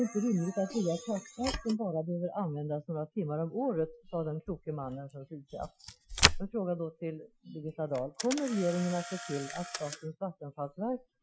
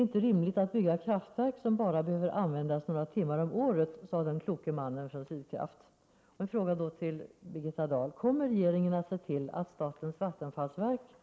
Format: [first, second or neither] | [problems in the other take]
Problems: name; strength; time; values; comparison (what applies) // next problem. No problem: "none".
second | noise reduction (classical method Wiener filter)